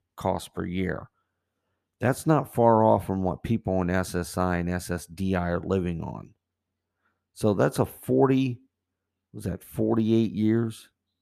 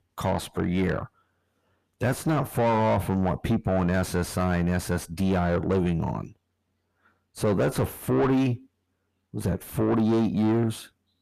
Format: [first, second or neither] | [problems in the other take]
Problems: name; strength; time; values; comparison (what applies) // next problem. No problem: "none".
first | distortion; heavy; 5 dB below the speech